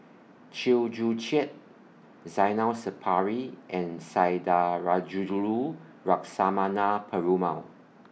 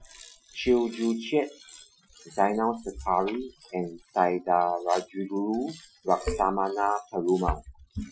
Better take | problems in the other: first | noise reduction (classical method Wiener filter)

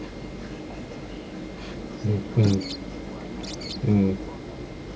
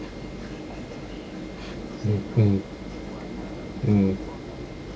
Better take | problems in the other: second | background sound (Bird + Snare drum); 12 dB below the speech

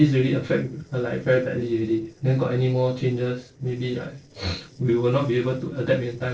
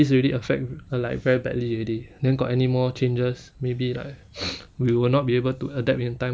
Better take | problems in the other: second | noise reduction (neural separator model SepFormer DNS4)

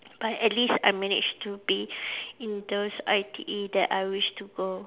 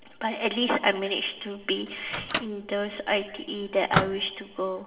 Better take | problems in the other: first | background sound (Microwave oven); 5 dB below the speech // room echo; dies away in 1.4 s

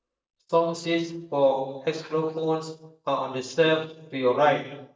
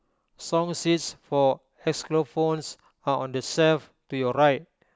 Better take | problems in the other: second | noise reduction (neural mask model DeepFilterNet 3)

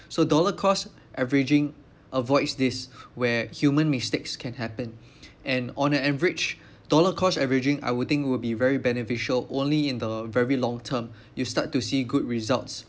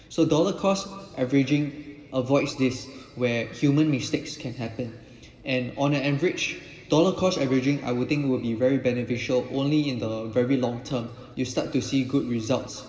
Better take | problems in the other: first | room echo; dies away in 2.3 s

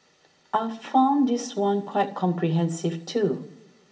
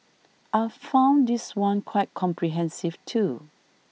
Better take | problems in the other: second | room echo; dies away in 0.6 s

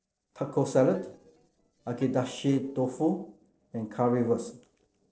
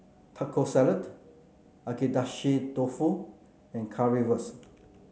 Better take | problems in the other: second | noise reduction (neural separator model SepFormer DNS4)

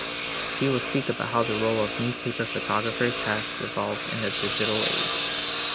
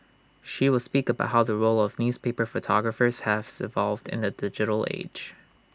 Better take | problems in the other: second | background sound (Engine); 1 dB below the speech

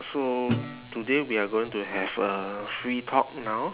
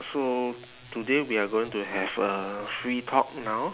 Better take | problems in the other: second | background sound (Guitar); 7 dB below the speech

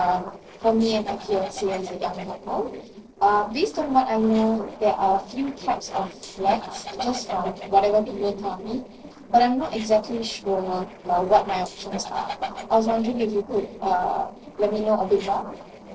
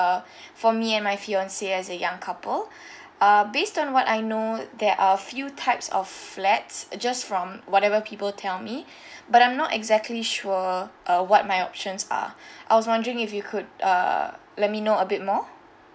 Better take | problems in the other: second | noise reduction (neural separator model SepFormer DNS4)

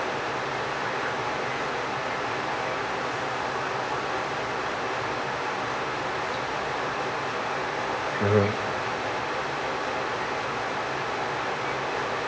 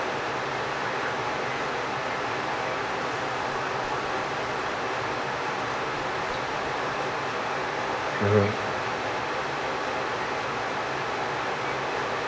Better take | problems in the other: first | background sound (Scratching (performance technique)); 18 dB below the speech

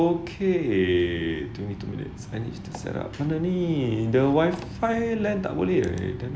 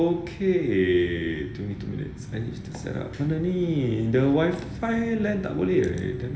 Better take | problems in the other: first | room echo; dies away in 2.8 s

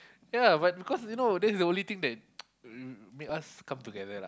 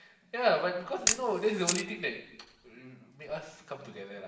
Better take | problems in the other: first | background sound (Camera); 1 dB below the speech // room echo; dies away in 0.8 s

